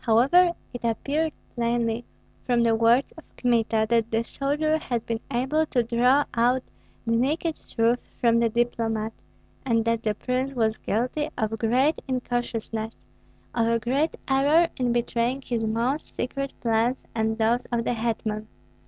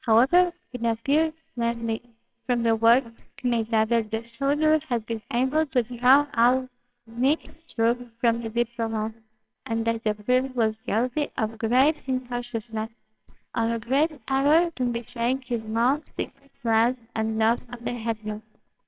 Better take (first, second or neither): first